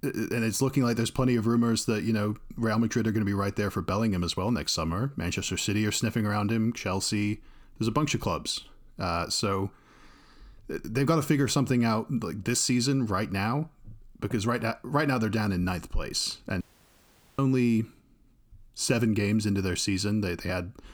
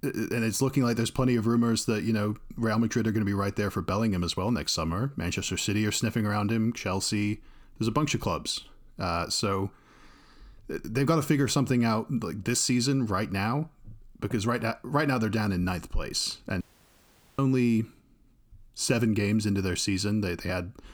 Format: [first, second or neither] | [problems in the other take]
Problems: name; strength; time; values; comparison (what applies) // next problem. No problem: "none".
neither | audio cutting out; at 17 s for 1 s; the same in both